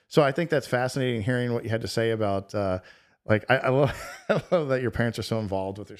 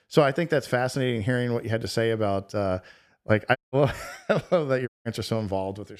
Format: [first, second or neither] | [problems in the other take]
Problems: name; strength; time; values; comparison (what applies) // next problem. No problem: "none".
first | audio cutting out; at 3.5 s and at 5 s